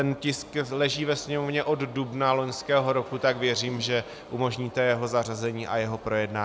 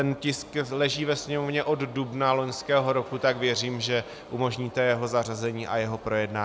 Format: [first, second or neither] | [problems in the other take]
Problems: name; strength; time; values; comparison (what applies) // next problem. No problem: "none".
second | background sound (Fart); 17 dB below the speech